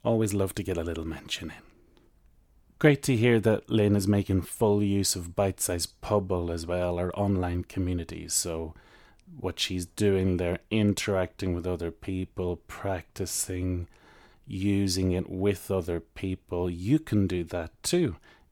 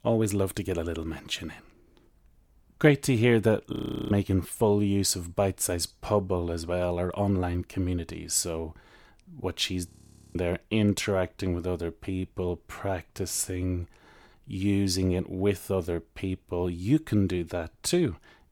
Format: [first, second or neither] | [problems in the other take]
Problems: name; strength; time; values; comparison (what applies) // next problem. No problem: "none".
first | audio freezing; at 3.5 s and at 10 s